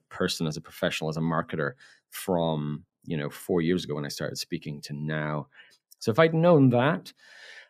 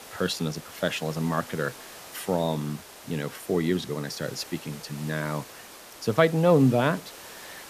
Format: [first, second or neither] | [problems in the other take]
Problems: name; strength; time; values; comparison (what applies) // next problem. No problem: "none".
first | hiss; noticeable; throughout; 15 dB below the speech